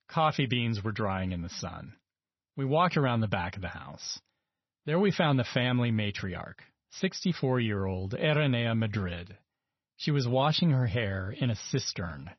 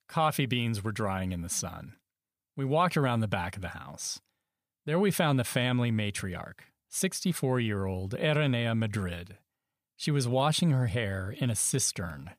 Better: second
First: garbled, watery; slightly; nothing above 6 kHz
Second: none

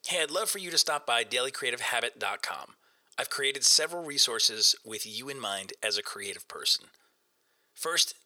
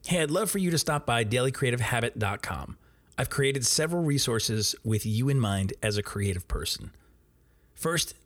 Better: second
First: thin; very; fading below 600 Hz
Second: none

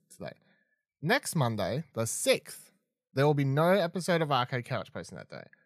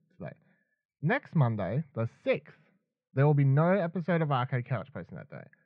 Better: first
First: none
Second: muffled; very; fading above 2.5 kHz

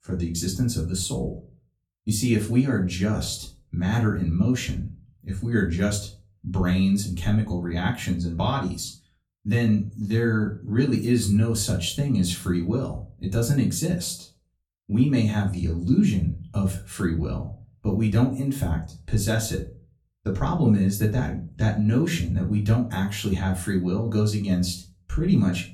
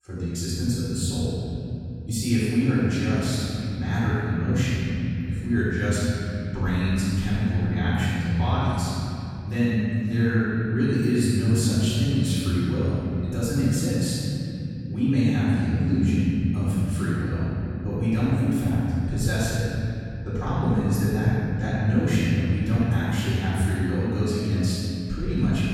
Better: first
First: room echo; slight; dies away in 0.3 s // off-mic speech; far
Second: room echo; strong; dies away in 3 s // off-mic speech; far

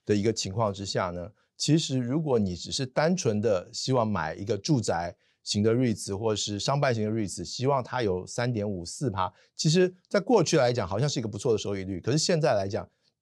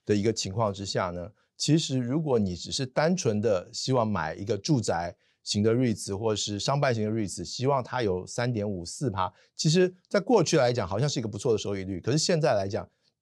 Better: neither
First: none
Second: none

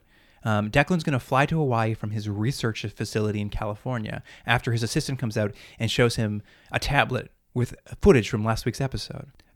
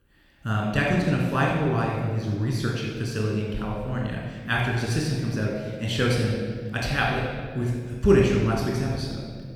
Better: first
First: none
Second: off-mic speech; far // room echo; noticeable; dies away in 1.5 s

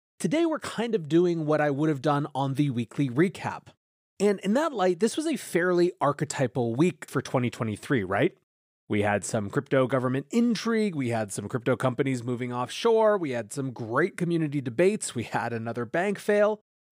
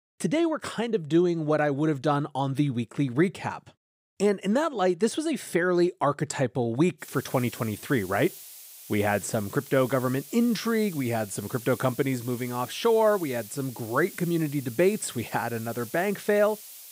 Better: first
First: none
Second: hiss; noticeable; from 7 s on; 15 dB below the speech

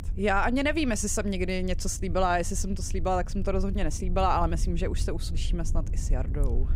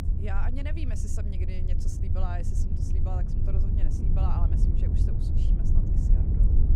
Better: first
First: low rumble; faint; throughout; 20 dB below the speech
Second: low rumble; loud; throughout; as loud as the speech

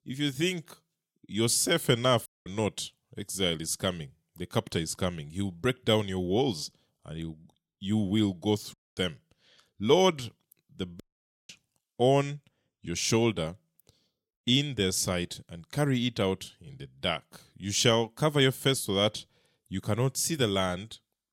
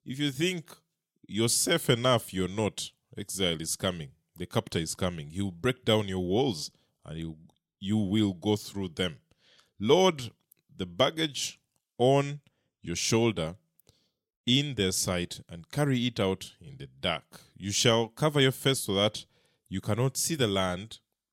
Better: second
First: audio cutting out; at 2.5 s, at 8.5 s and at 11 s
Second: none

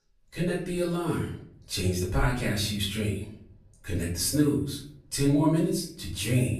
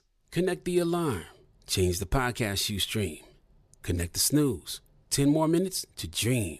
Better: second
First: off-mic speech; far // room echo; noticeable; dies away in 0.5 s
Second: none

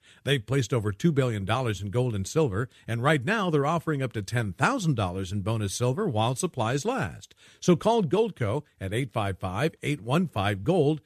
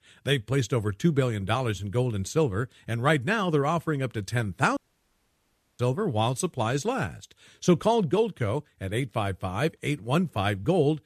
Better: first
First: none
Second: audio cutting out; at 5 s for 1 s

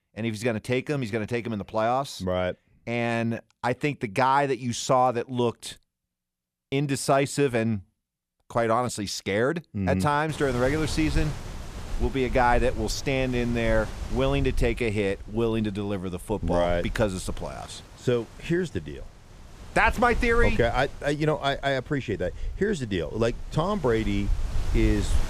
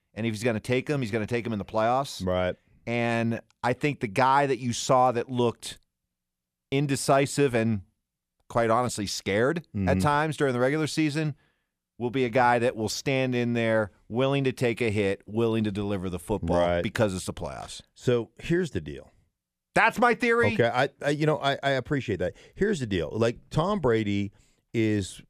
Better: second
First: wind noise on the microphone; occasional gusts; from 10 s on; 20 dB below the speech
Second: none

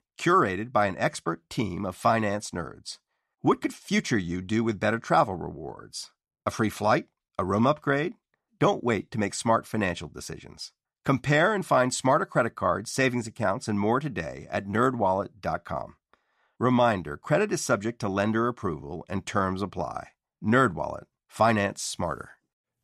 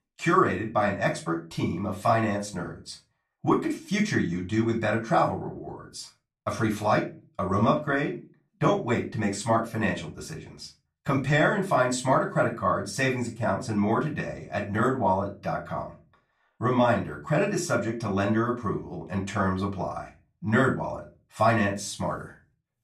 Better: first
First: none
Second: off-mic speech; far // room echo; very slight; dies away in 0.3 s

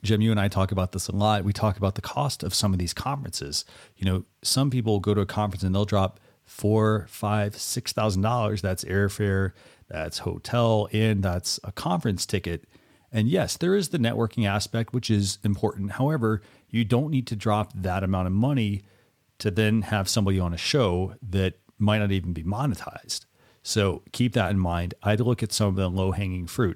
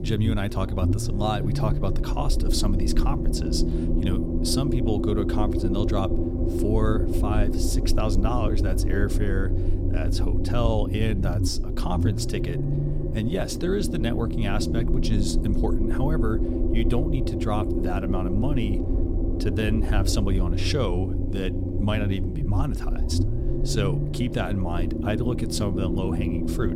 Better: first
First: none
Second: low rumble; loud; throughout; 2 dB below the speech

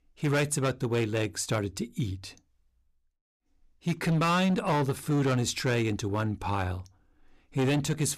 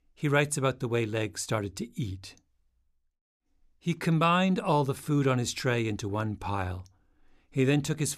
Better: second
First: distortion; slight; 9% of the sound clipped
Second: none

